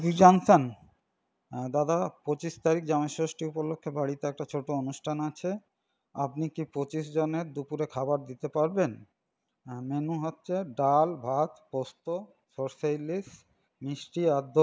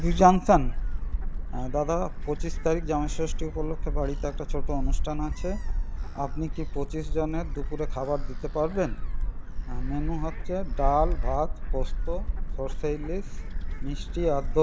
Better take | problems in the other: first | background sound (Gull, seagull); 1 dB above the speech

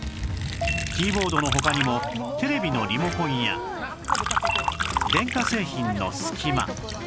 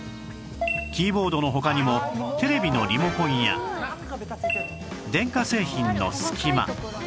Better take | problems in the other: second | background sound (Liquid); 3 dB below the speech

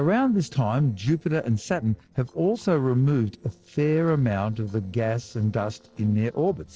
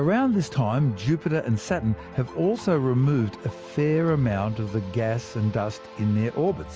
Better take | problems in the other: second | noise reduction (neural separator model SepFormer DNS4)

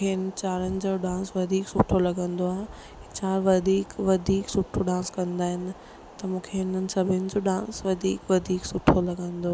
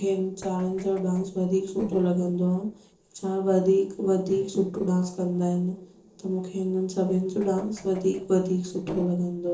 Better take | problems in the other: first | noise reduction (neural separator model SepFormer DNS4)

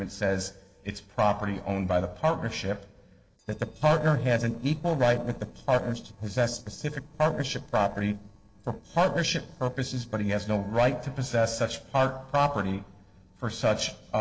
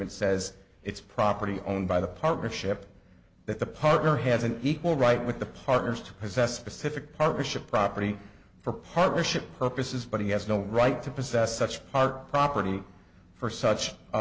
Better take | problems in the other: second | noise reduction (neural separator model SepFormer DNS4)

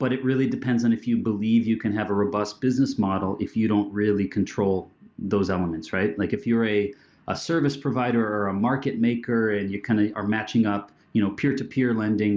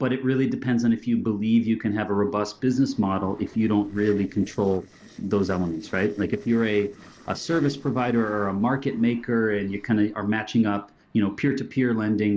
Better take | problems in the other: first | noise reduction (neural separator model SepFormer DNS4)

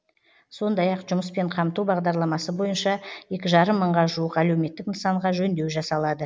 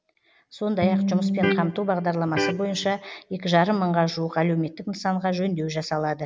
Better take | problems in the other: first | background sound (Electric guitar); 1 dB below the speech

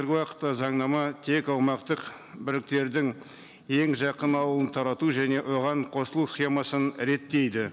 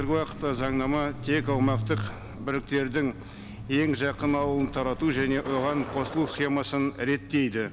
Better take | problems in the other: first | background sound (Truck); 9 dB below the speech

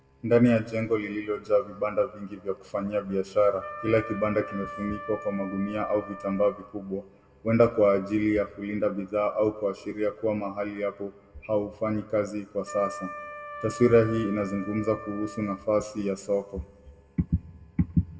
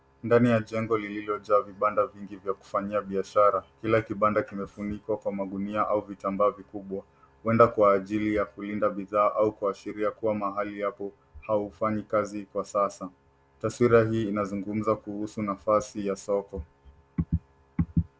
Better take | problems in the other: second | background sound (Wind instrument, woodwind instrument); 13 dB below the speech // room echo; dies away in 0.9 s

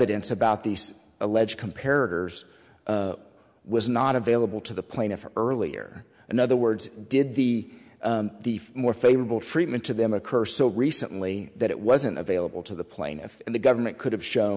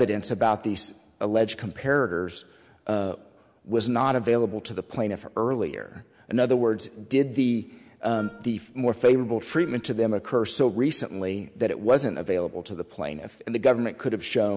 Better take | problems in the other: first | background sound (Wind instrument, woodwind instrument); 19 dB below the speech

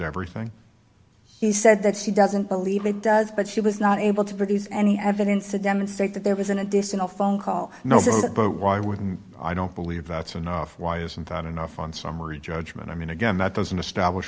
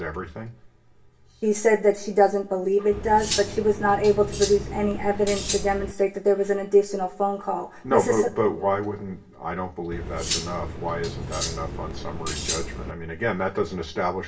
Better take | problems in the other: first | background sound (Cutlery, silverware); 7 dB below the speech // room echo; dies away in 0.2 s

